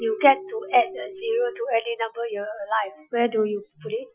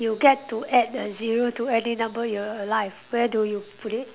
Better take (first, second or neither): second